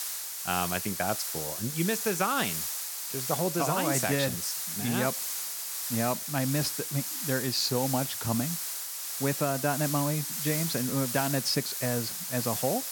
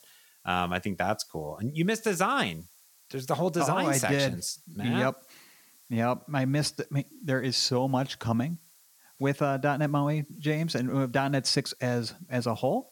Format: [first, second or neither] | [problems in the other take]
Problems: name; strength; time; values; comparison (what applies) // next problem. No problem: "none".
second | hiss; loud; throughout; 1 dB below the speech; faint in the second